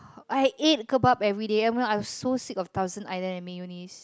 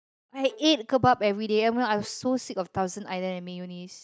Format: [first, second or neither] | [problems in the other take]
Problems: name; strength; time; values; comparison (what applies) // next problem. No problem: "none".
first | noise reduction (neural mask model DeepFilterNet 3)